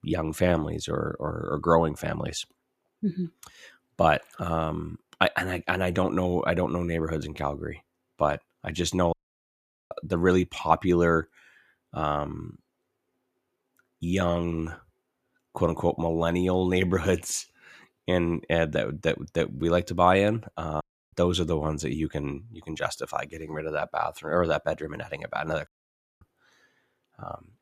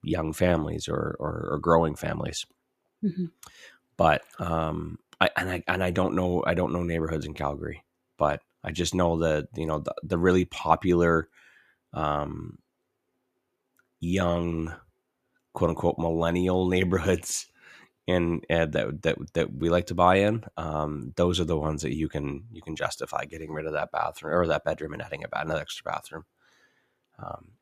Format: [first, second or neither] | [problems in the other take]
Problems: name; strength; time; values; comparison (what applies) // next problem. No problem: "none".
second | audio cutting out; at 9 s for 1 s, at 21 s and at 26 s for 0.5 s